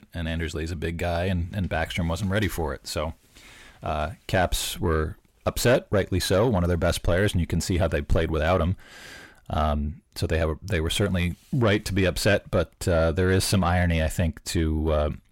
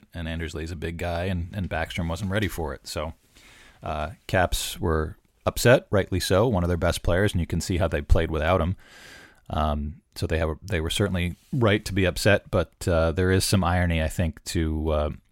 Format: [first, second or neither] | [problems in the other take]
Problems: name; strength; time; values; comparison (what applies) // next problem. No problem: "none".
second | distortion; slight; 10 dB below the speech